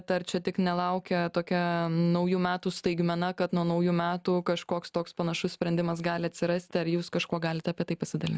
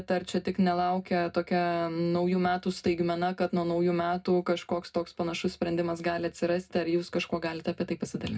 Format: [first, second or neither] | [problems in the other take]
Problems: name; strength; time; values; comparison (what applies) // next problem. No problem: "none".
first | room echo; dies away in 0.2 s